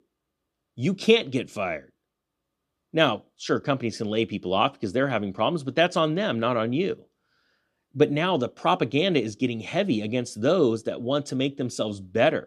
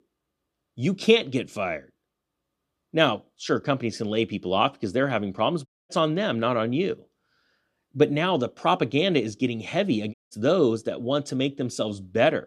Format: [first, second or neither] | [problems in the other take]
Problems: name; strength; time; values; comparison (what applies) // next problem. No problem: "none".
first | audio cutting out; at 5.5 s and at 10 s